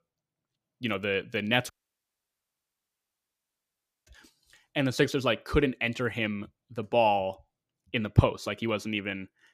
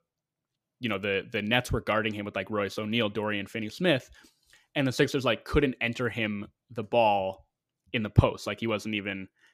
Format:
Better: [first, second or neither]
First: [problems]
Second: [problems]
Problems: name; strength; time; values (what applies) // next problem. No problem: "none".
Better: second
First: audio cutting out; at 1.5 s for 2.5 s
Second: none